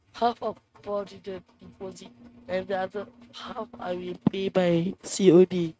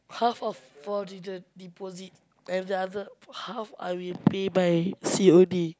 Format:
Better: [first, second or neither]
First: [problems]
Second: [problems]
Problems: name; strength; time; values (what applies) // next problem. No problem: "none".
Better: second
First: noise reduction (neural mask model RNNoise)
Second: none